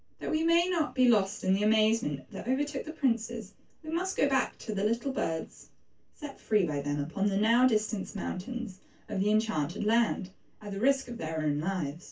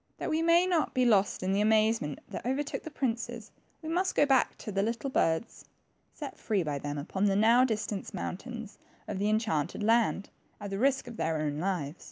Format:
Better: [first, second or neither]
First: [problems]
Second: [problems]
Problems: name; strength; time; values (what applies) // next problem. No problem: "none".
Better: second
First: room echo; dies away in 0.2 s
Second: none